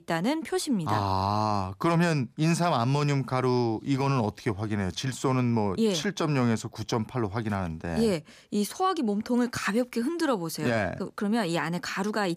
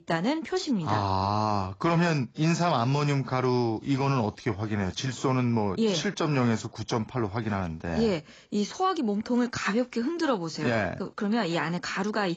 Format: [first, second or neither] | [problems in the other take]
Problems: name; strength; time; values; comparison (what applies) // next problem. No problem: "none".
first | garbled, watery; badly; nothing above 7.5 kHz